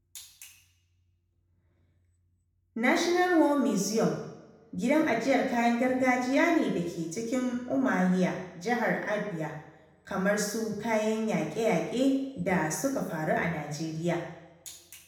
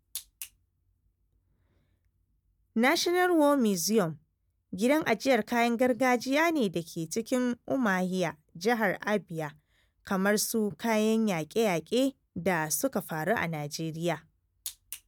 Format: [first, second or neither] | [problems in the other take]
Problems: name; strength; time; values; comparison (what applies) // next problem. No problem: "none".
second | room echo; dies away in 0.8 s